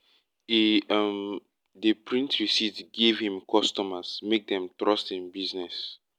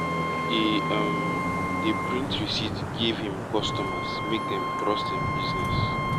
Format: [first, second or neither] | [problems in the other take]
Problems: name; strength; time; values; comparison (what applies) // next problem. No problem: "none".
first | background sound (Wind instrument, woodwind instrument + Traffic noise, roadway noise / Vehicle horn, car horn, honking); 4 dB above the speech